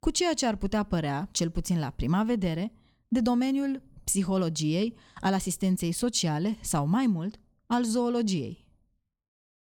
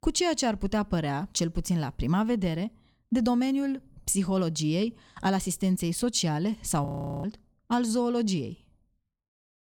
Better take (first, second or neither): first